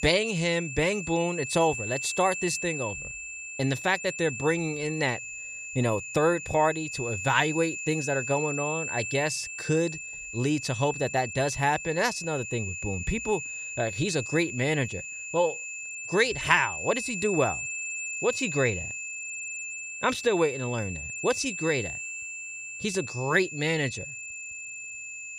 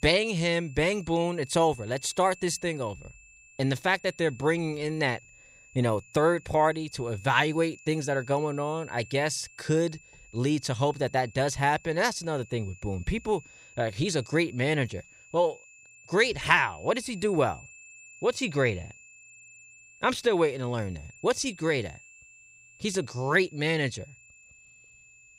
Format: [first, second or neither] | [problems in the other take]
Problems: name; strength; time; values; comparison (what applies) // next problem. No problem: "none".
second | high-pitched whine; loud; throughout; 2.5 kHz, 6 dB below the speech; faint in the second